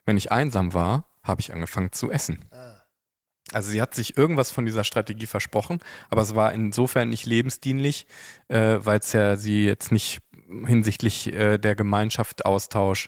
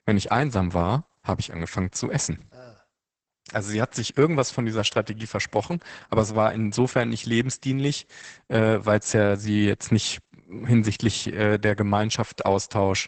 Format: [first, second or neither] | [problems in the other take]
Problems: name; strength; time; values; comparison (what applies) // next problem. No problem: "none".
first | garbled, watery; badly; nothing above 8 kHz; slightly in the first